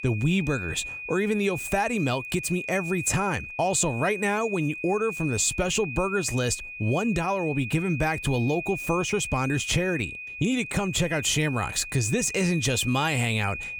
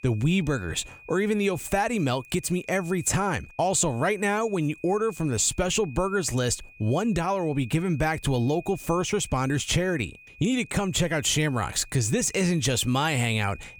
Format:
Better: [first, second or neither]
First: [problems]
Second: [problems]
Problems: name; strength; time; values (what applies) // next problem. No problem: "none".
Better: second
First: high-pitched whine; loud; throughout; 2.5 kHz, 8 dB below the speech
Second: high-pitched whine; faint; throughout; 2.5 kHz, 20 dB below the speech